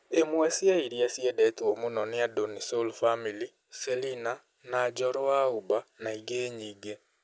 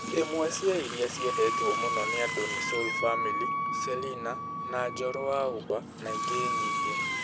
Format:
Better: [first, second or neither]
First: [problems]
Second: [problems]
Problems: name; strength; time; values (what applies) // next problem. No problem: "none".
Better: first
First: none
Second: background sound (Water tap, faucet + Wind instrument, woodwind instrument); as loud as the speech